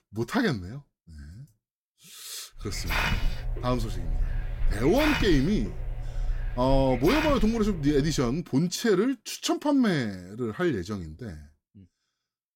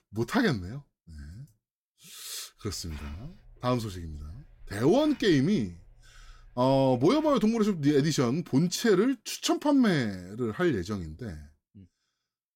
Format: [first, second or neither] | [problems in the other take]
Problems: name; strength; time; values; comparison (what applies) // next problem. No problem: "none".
second | hiss; loud; from 2.5 to 8.5 s; 6 dB below the speech; faint in the second